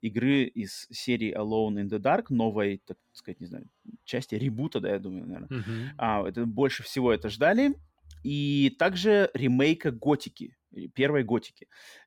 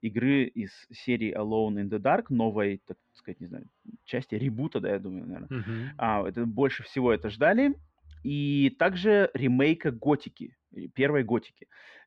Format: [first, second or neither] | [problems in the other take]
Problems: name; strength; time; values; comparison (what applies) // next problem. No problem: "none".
first | muffled; slightly; fading above 2.5 kHz